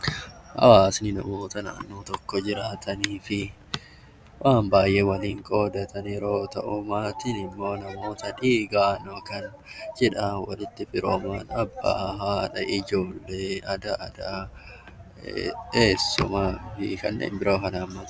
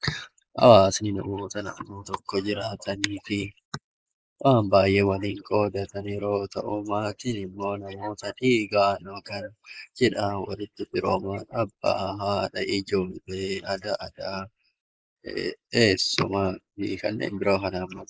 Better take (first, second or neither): first